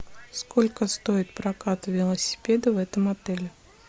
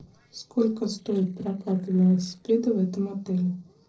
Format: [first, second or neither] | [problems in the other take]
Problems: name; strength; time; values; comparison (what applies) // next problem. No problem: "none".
first | noise reduction (neural separator model SepFormer DNS4)